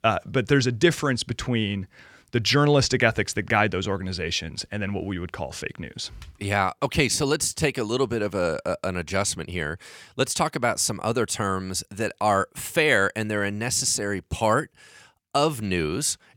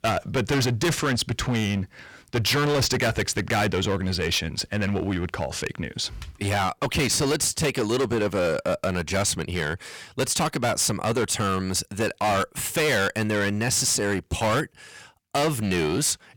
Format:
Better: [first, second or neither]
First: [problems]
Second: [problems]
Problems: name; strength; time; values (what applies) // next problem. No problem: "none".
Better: first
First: none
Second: distortion; heavy; 17% of the sound clipped